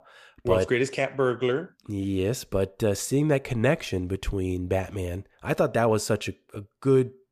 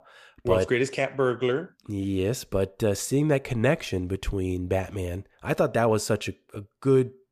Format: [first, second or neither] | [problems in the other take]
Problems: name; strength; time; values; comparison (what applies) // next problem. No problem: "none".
neither | none